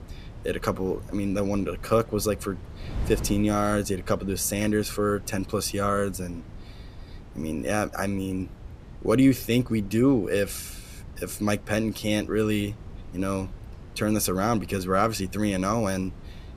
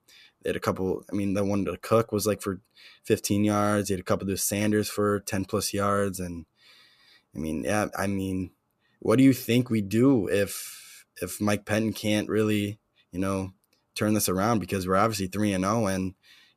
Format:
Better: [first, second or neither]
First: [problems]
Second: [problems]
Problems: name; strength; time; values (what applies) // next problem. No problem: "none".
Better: second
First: wind noise on the microphone; occasional gusts; 20 dB below the speech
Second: none